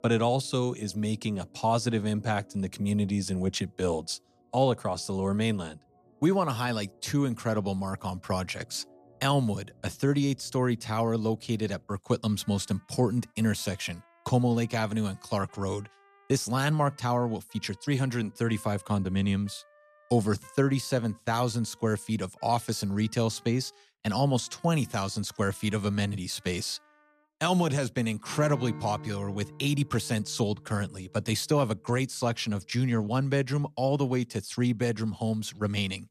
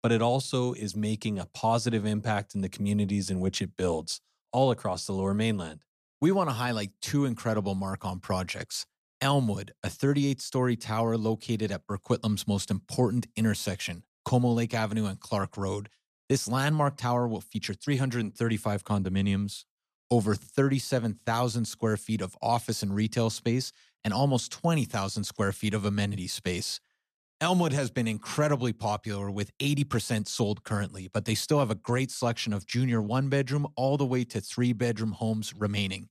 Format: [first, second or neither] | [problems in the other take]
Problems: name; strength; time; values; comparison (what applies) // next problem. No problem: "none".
second | background music; faint; throughout; 25 dB below the speech